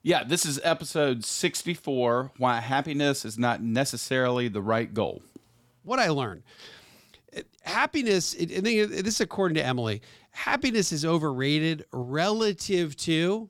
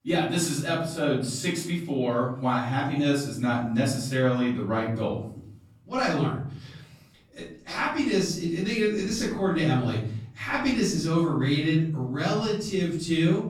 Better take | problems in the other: first | room echo; noticeable; dies away in 1 s // off-mic speech; far

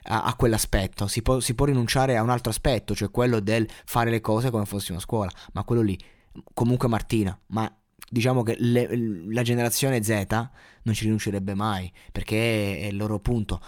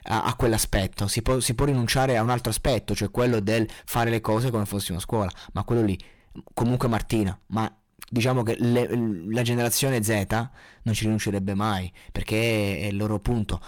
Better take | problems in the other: first | distortion; slight; 7% of the sound clipped

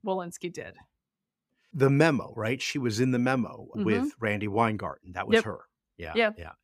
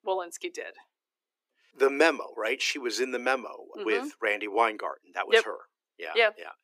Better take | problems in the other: first | thin; very; fading below 350 Hz

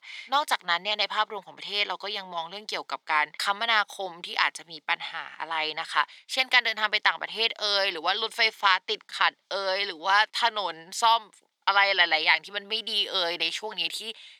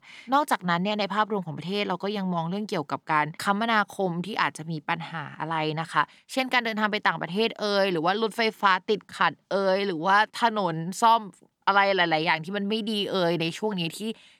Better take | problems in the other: second | thin; very; fading below 600 Hz

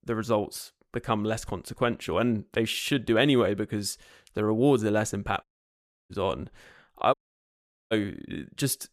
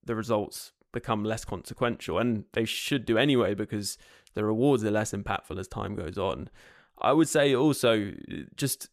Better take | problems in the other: second | audio cutting out; at 5.5 s for 0.5 s and at 7 s for 1 s

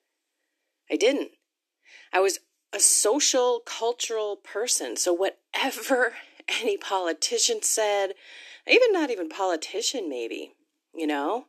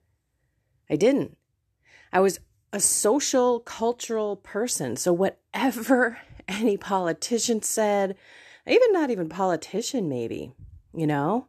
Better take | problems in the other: second | thin; somewhat; fading below 300 Hz

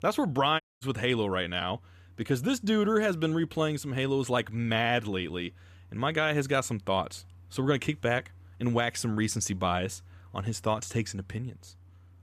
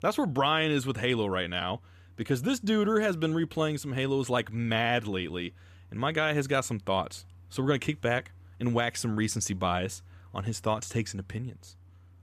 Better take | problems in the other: second | audio cutting out; at 0.5 s

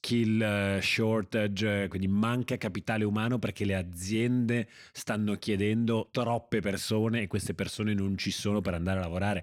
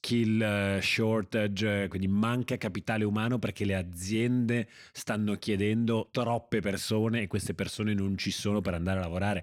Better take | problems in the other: neither | none

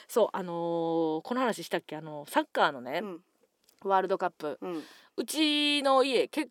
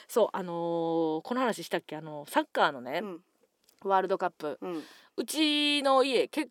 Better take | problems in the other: neither | thin; somewhat; fading below 450 Hz; the same in both

